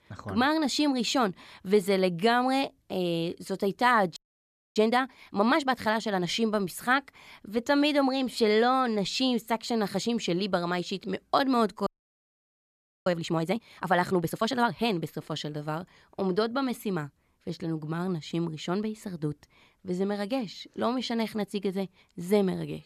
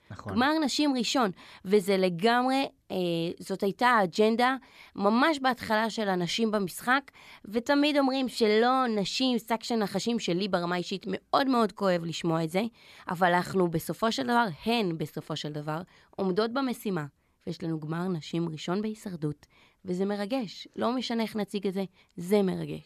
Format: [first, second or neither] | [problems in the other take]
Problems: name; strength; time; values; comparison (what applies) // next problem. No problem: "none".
second | audio freezing; at 4 s for 0.5 s and at 12 s for 1 s